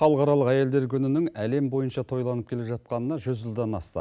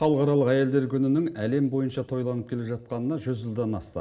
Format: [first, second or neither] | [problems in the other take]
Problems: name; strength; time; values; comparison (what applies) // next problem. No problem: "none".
first | room echo; dies away in 1 s